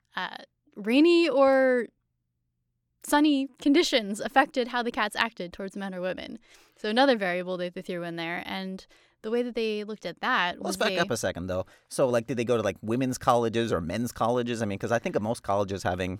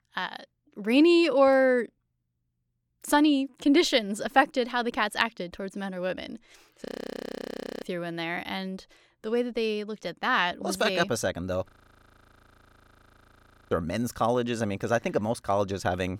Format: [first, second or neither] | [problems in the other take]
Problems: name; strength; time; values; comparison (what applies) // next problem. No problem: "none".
first | audio freezing; at 7 s for 1 s and at 12 s for 2 s